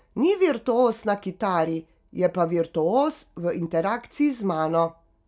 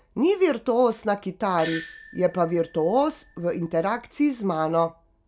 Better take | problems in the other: first | background sound (Doorbell); 18 dB below the speech

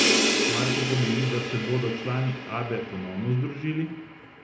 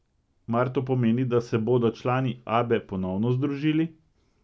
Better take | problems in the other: second | background sound (Crash cymbal); as loud as the speech // room echo; dies away in 0.7 s

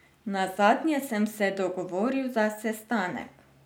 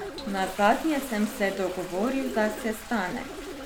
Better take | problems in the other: first | background sound (Toilet flush + Bird); 10 dB below the speech

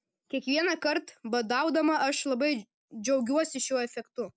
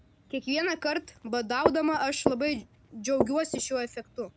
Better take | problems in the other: first | background sound (Walk, footsteps); 4 dB below the speech

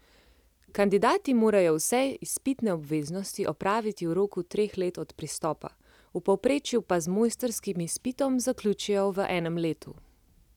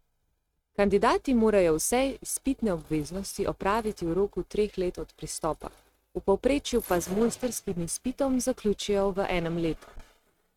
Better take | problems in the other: first | noise reduction (neural mask model RNNoise)

